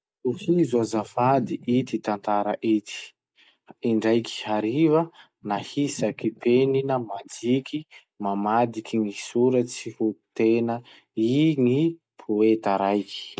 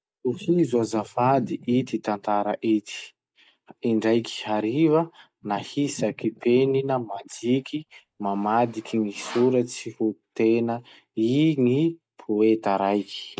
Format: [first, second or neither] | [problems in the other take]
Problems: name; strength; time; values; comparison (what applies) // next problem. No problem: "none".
first | background sound (Sawing); 19 dB below the speech